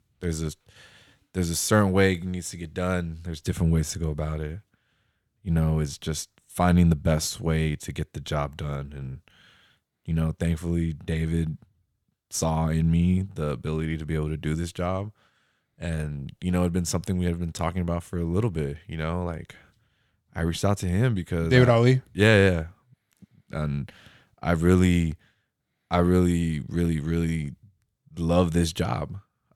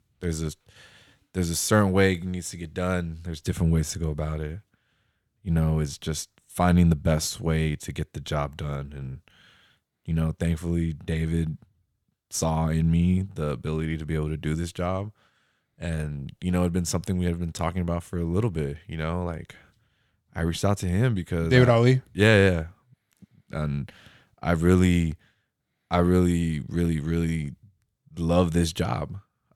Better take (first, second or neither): neither